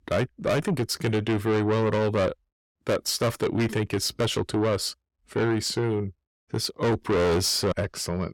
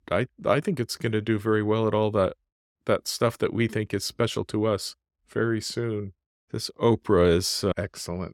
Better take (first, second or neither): second